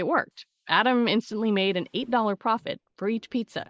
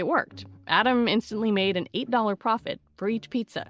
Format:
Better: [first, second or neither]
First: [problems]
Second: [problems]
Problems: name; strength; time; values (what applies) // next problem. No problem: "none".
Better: second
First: noise reduction (neural mask model Resemble Enhance denoiser)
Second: none